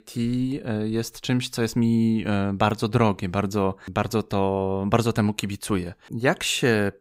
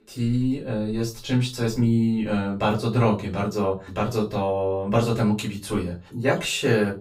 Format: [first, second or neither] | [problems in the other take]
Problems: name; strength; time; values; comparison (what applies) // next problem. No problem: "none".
first | off-mic speech; far // room echo; slight; dies away in 0.2 s